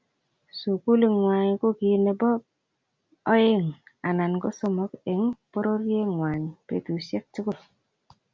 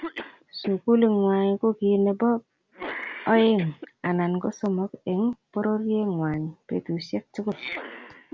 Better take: first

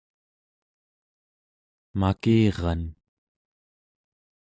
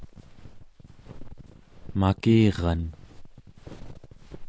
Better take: first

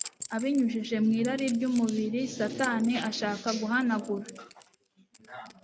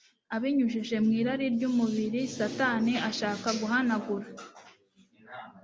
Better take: second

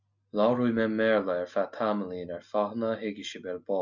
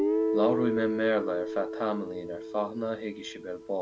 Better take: first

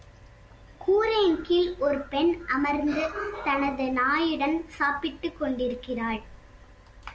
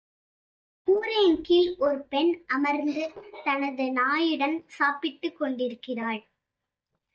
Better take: first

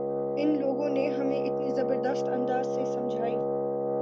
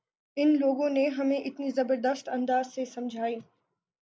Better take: second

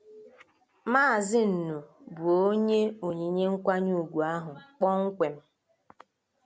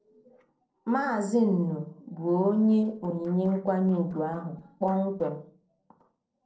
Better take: first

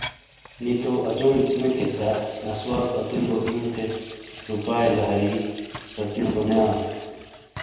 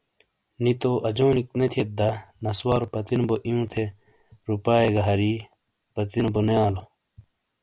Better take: second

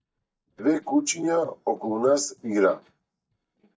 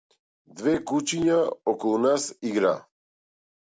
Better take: second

